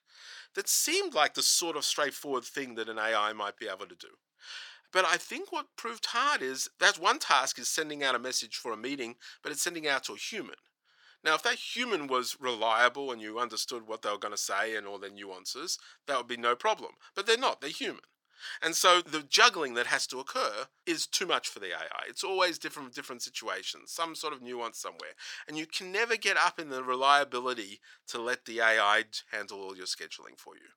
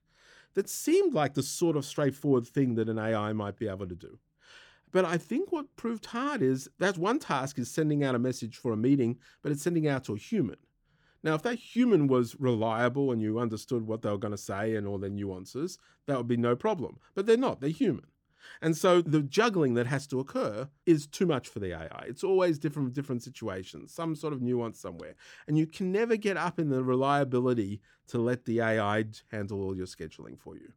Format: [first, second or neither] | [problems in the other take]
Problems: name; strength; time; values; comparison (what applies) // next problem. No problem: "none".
second | thin; very; fading below 950 Hz